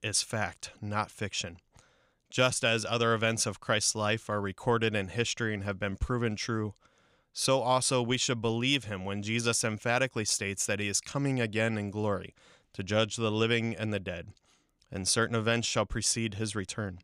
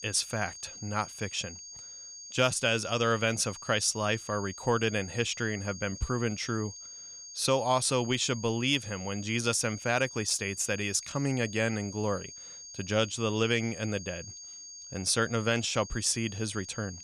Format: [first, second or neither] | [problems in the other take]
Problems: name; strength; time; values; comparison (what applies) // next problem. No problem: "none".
first | high-pitched whine; noticeable; throughout; 6.5 kHz, 15 dB below the speech